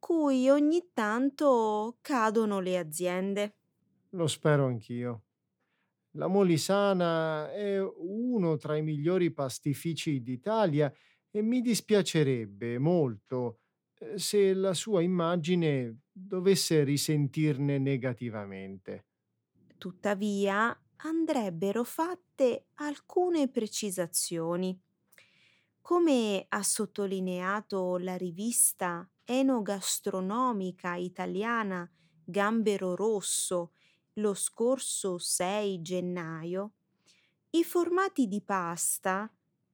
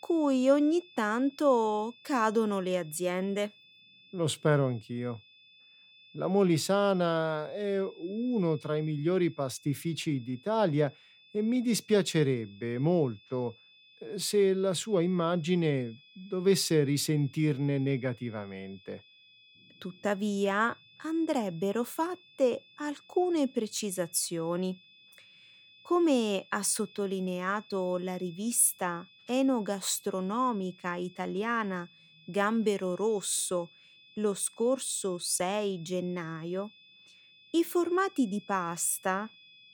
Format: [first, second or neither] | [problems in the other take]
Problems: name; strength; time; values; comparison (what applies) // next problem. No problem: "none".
first | high-pitched whine; faint; throughout; 3.5 kHz, 25 dB below the speech